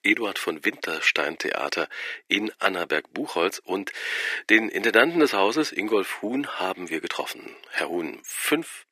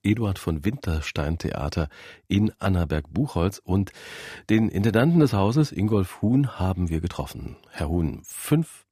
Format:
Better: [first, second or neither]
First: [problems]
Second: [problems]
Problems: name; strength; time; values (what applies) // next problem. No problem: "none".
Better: second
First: thin; very; fading below 350 Hz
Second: none